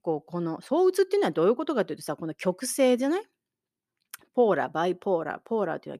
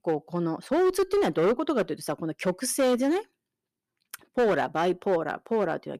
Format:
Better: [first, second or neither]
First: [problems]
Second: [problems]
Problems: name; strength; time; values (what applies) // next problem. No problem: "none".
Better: first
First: none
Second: distortion; slight; 8% of the sound clipped